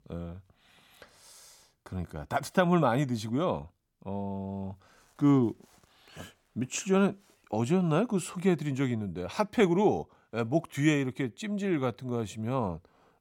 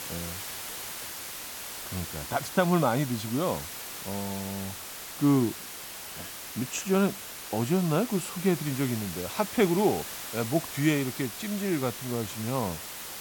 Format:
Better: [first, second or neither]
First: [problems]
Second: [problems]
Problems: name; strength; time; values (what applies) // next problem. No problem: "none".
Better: first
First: none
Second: hiss; loud; throughout; 8 dB below the speech